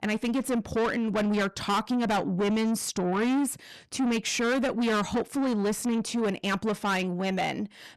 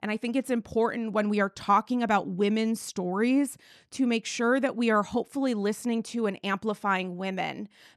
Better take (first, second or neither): second